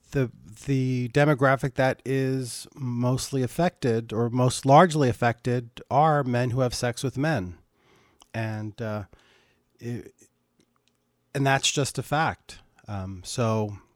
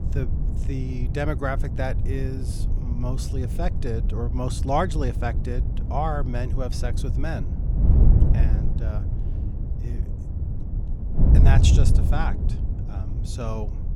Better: first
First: none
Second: wind noise on the microphone; heavy; 8 dB below the speech

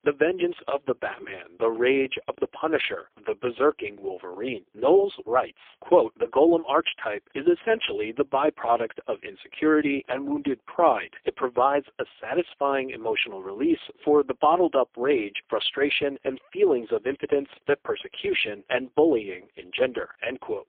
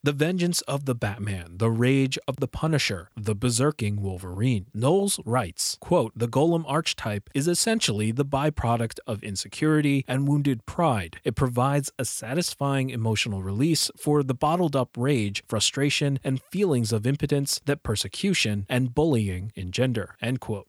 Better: second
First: phone-call audio; poor line; nothing above 3.5 kHz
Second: none

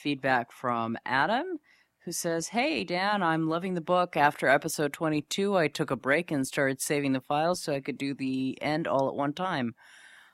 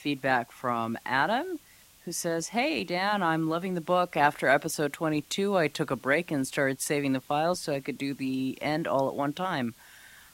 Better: first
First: none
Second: hiss; faint; throughout; 25 dB below the speech

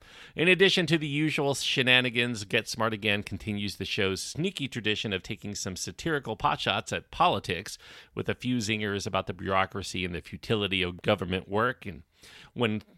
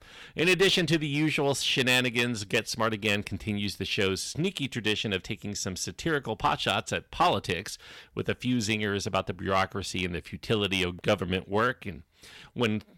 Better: first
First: none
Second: distortion; slight; 2% of the sound clipped

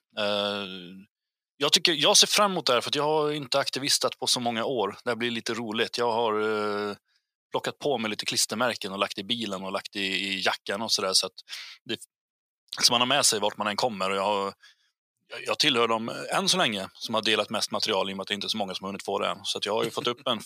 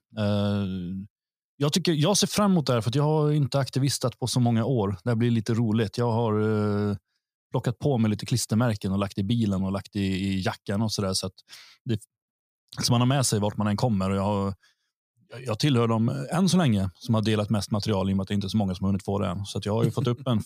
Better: second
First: thin; very; fading below 450 Hz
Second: none

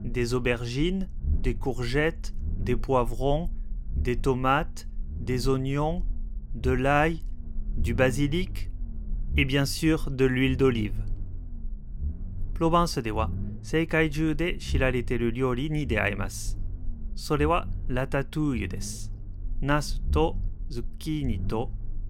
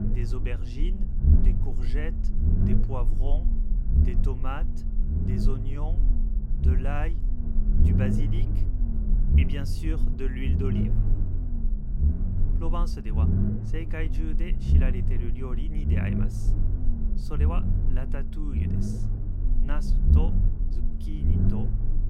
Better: first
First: low rumble; faint; throughout; 25 dB below the speech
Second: low rumble; loud; throughout; as loud as the speech

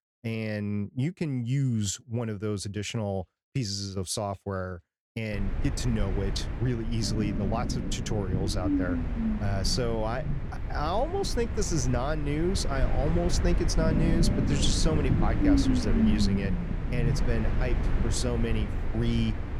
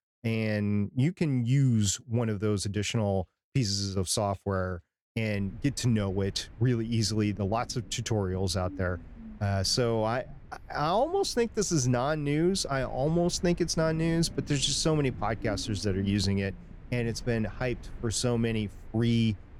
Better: second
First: low rumble; loud; from 5.5 s on; 4 dB below the speech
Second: low rumble; faint; from 5.5 s on; 20 dB below the speech

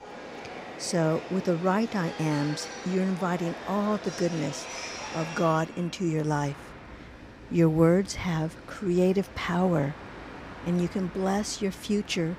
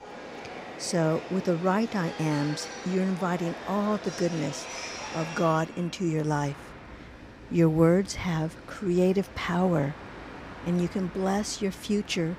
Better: neither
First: train or aircraft noise; noticeable; throughout; 15 dB below the speech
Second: train or aircraft noise; noticeable; throughout; 15 dB below the speech

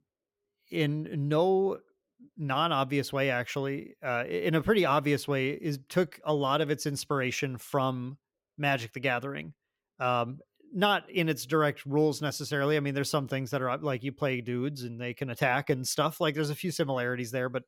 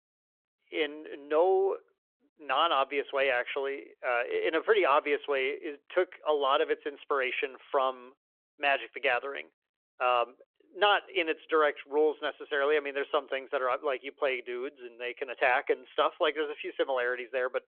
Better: first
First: none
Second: phone-call audio

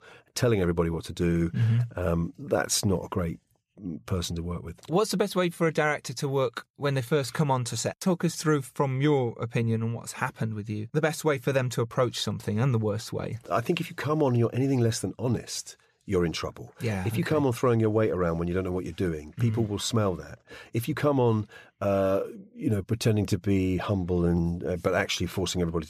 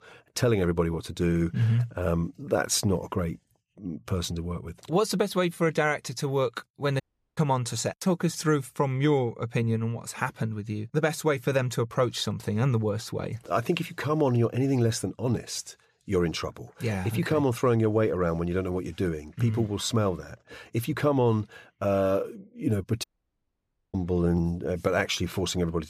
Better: first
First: none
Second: audio cutting out; at 7 s and at 23 s for 1 s

